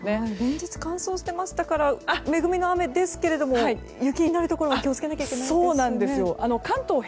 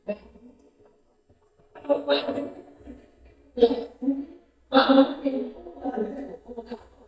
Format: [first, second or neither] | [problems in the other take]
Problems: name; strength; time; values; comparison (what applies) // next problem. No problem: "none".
first | noise reduction (neural mask model DeepFilterNet 3)